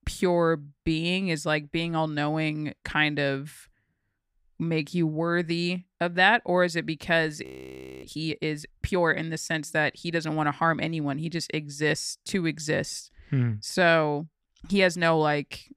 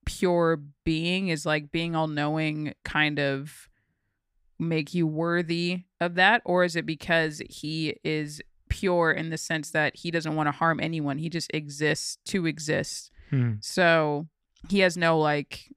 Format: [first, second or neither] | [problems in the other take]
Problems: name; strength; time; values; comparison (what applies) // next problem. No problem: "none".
second | audio freezing; at 7.5 s for 0.5 s